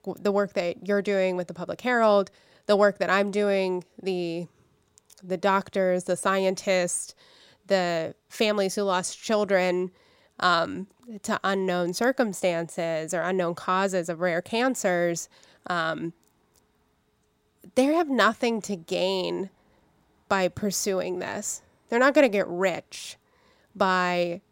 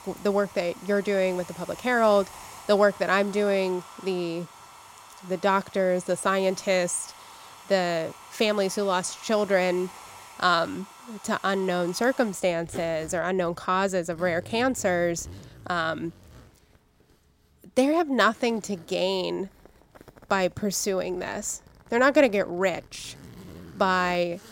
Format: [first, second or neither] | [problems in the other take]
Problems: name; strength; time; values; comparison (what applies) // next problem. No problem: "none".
first | household noises; faint; throughout; 20 dB below the speech